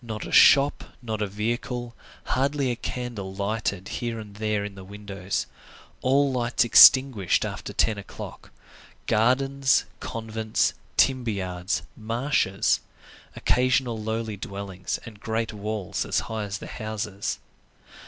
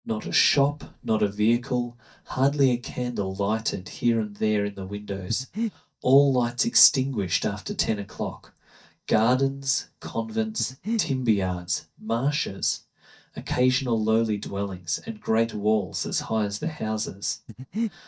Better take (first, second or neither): first